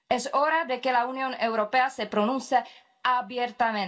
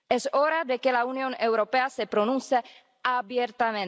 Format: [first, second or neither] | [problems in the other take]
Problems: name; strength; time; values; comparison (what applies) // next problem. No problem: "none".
second | room echo; dies away in 0.2 s